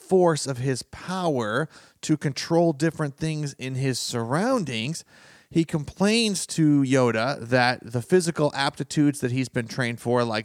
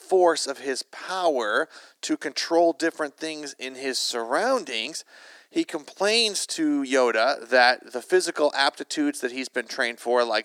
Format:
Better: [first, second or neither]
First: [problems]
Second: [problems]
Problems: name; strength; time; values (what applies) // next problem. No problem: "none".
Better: first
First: none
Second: thin; somewhat; fading below 300 Hz